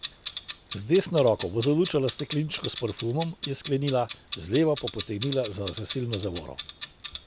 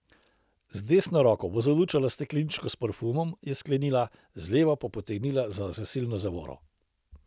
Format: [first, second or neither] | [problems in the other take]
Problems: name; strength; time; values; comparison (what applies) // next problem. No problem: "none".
second | background sound (Clock); 12 dB below the speech